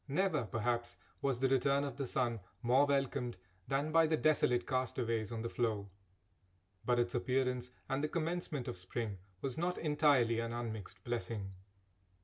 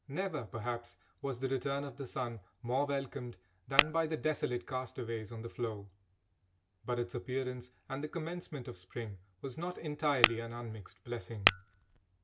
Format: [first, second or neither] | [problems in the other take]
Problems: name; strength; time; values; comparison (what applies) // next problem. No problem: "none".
first | background sound (Tap / Glass); 4 dB above the speech